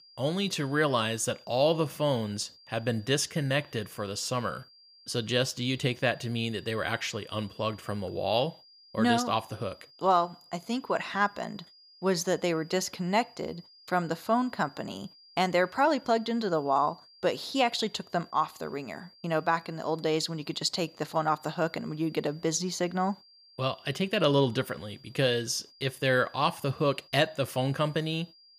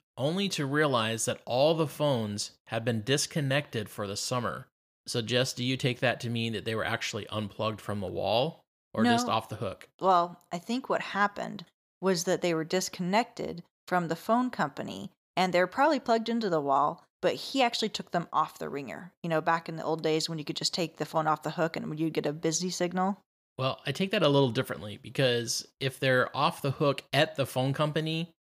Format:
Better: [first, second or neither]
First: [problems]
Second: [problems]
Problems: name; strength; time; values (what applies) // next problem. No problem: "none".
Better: second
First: high-pitched whine; faint; throughout; 4.5 kHz, 25 dB below the speech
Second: none